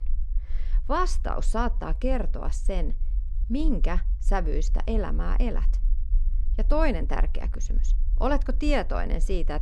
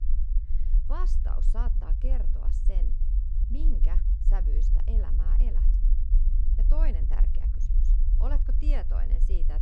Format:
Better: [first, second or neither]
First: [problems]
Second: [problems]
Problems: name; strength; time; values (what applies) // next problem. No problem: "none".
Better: first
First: low rumble; faint; throughout; 25 dB below the speech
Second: low rumble; loud; throughout; 6 dB below the speech